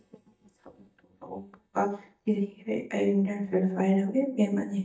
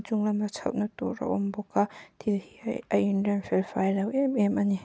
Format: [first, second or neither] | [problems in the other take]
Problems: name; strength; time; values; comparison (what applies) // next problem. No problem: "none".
second | noise reduction (neural mask model DeepFilterNet 3)